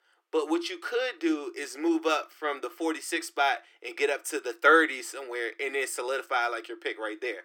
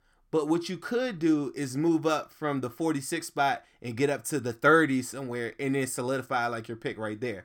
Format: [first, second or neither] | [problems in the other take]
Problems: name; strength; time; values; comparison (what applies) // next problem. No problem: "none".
second | thin; very; fading below 300 Hz